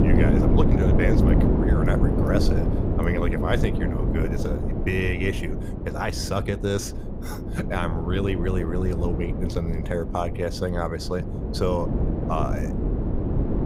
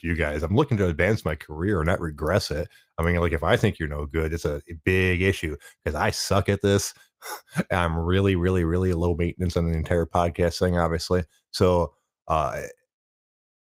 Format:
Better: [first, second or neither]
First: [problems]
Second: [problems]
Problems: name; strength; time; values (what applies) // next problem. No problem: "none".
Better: second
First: wind noise on the microphone; heavy; 2 dB below the speech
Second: none